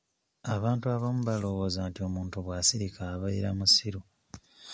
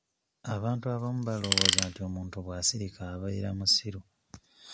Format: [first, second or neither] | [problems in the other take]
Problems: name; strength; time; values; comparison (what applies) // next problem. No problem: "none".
first | background sound (Tools); 5 dB above the speech